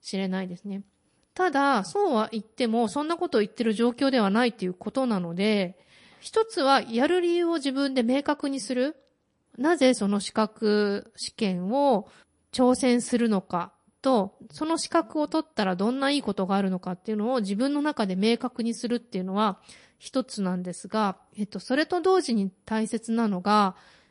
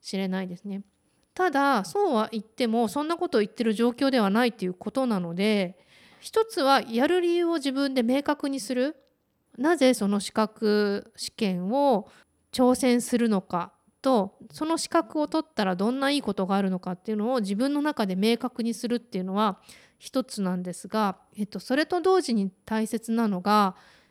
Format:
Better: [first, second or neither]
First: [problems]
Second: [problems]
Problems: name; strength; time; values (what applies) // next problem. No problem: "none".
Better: second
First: garbled, watery; slightly; nothing above 10.5 kHz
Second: none